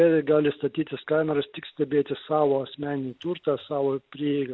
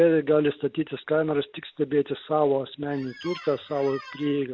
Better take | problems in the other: first | background sound (Squeak); 18 dB below the speech

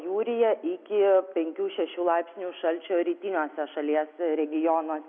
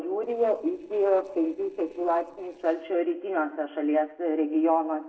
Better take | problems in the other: first | noise reduction (neural separator model SepFormer DNS4)

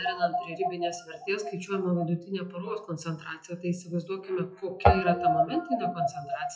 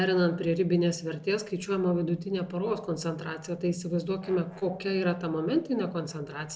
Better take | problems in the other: second | noise reduction (classical method WPE with log-MMSE)

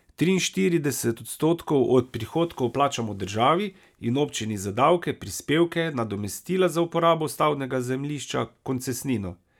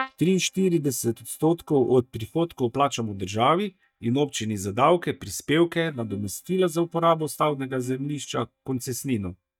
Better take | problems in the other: first | noise reduction (neural mask model DeepFilterNet 3)

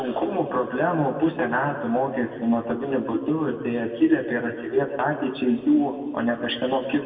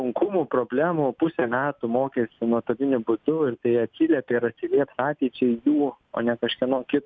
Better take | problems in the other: second | room echo; dies away in 2.1 s

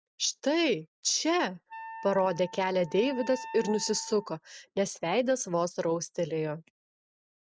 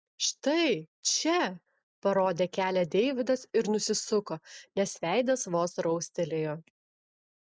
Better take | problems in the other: second | background sound (Wind instrument, woodwind instrument); 14 dB below the speech

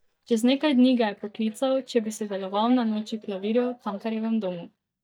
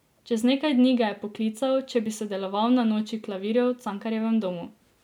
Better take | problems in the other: second | noise reduction (neural mask model DeepFilterNet 3)

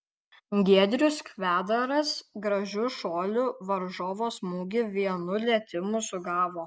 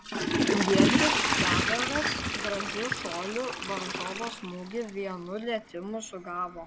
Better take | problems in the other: first | background sound (Toilet flush / Water); 4 dB above the speech

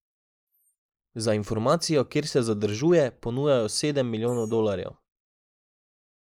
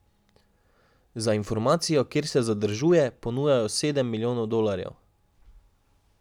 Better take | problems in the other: second | noise reduction (neural mask model Resemble Enhance denoiser)

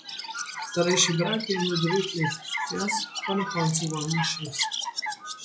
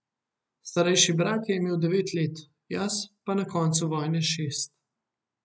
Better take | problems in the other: second | noise reduction (classical method log-MMSE)

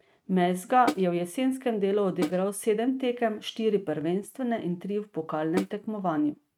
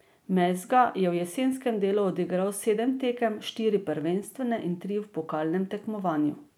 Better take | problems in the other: second | noise reduction (neural mask model RNNoise)

